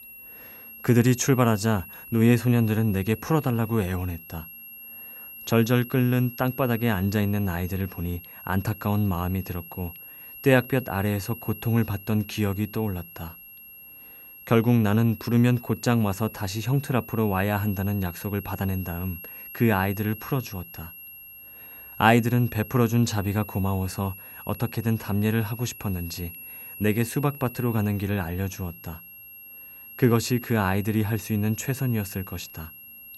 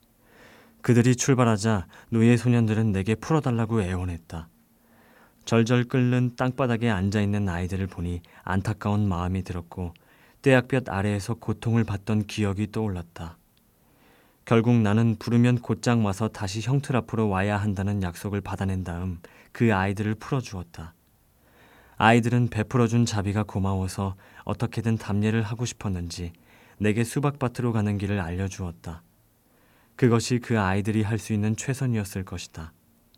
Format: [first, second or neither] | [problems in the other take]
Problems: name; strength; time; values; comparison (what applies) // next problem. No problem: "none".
second | high-pitched whine; noticeable; throughout; 11.5 kHz, 15 dB below the speech